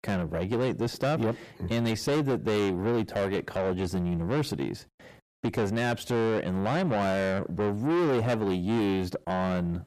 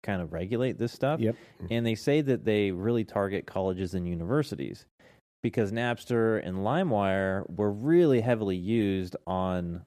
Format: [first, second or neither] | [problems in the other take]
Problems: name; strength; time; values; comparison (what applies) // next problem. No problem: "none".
second | distortion; heavy; 6 dB below the speech